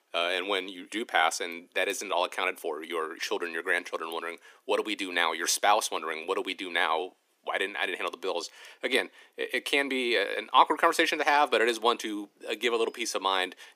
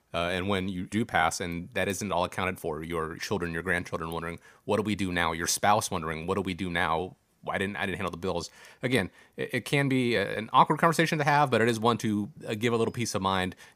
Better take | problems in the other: second | thin; somewhat; fading below 300 Hz

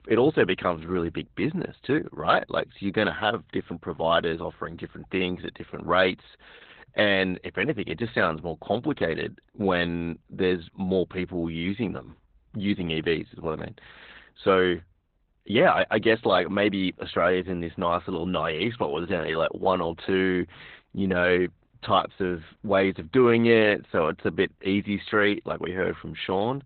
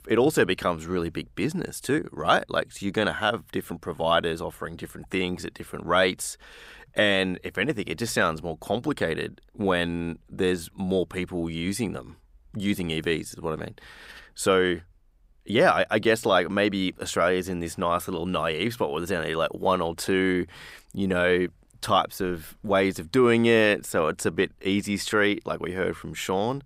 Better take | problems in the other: second | garbled, watery; badly; nothing above 4 kHz

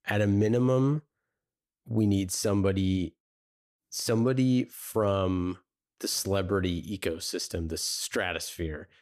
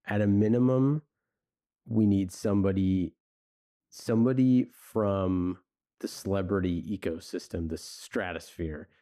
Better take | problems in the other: first | muffled; slightly; fading above 2.5 kHz

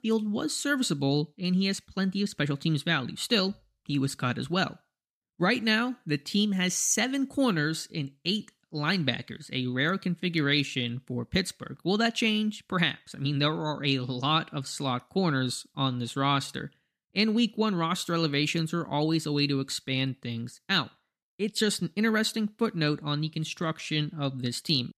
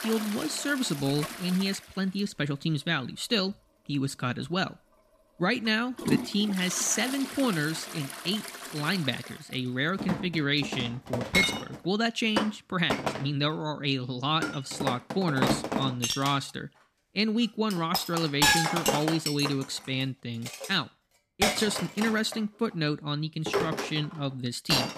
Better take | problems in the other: first | household noises; loud; throughout; 2 dB below the speech

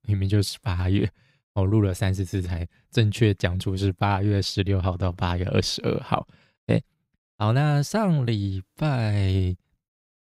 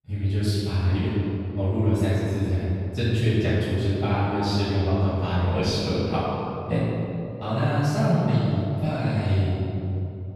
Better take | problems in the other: first | room echo; strong; dies away in 2.7 s // off-mic speech; far

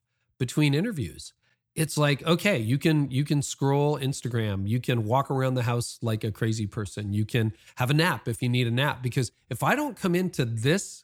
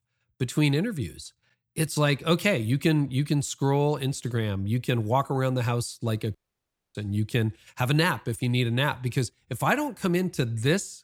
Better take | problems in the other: first | audio cutting out; at 6.5 s for 0.5 s

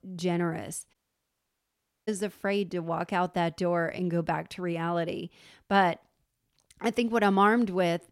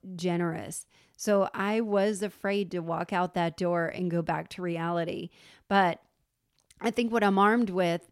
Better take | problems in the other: second | audio cutting out; at 1 s for 1 s

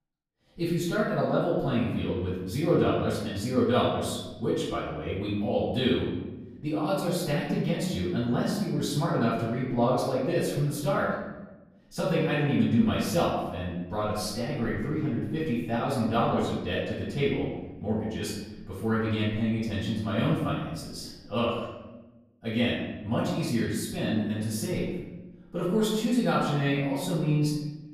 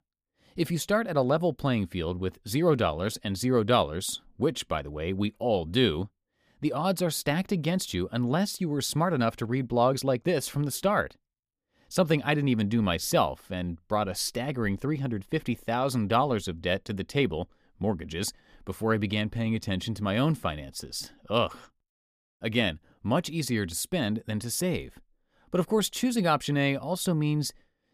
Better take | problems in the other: second | off-mic speech; far // room echo; noticeable; dies away in 1.1 s

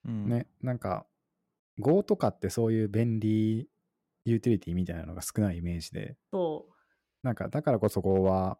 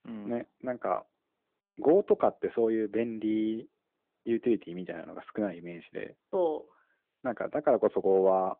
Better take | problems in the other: first | phone-call audio

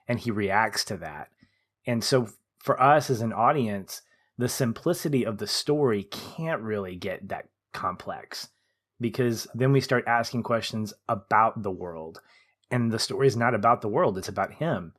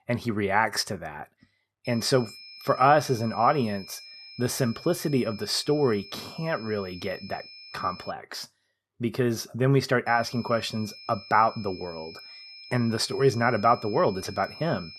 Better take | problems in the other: first | high-pitched whine; noticeable; from 2 to 8 s and from 10 s on; 5 kHz, 15 dB below the speech

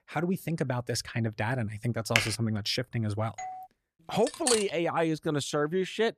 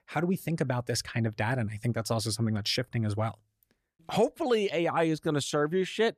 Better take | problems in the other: second | keyboard typing; loud; at 2 s; peak 2 dB above the speech // doorbell; faint; at 3.5 s; peak 10 dB below the speech // clattering dishes; loud; at 4.5 s; peak 2 dB above the speech

